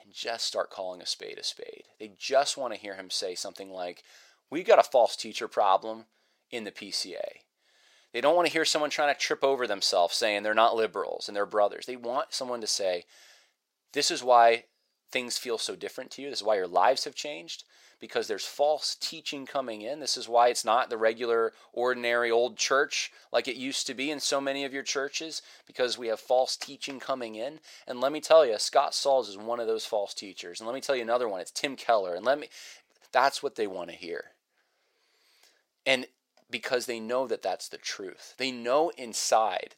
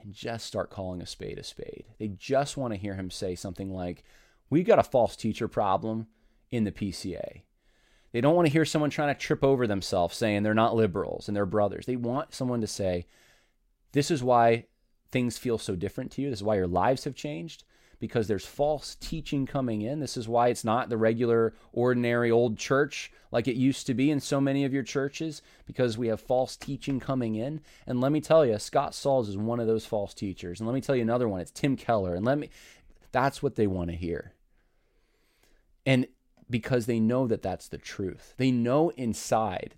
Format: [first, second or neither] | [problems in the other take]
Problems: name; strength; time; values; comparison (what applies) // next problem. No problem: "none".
second | thin; very; fading below 650 Hz